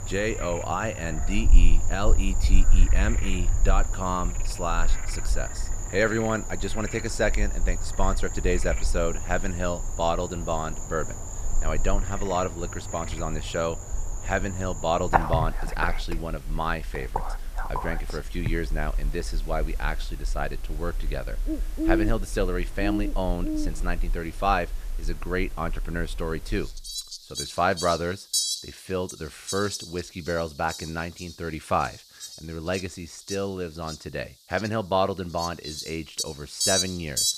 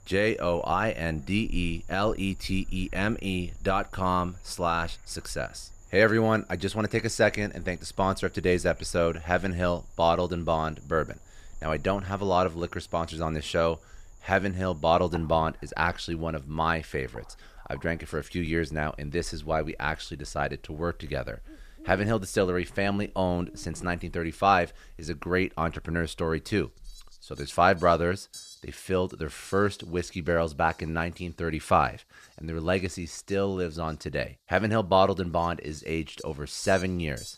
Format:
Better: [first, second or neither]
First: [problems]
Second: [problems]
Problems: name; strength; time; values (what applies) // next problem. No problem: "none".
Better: second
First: animal sounds; loud; throughout; 1 dB below the speech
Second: animal sounds; faint; throughout; 20 dB below the speech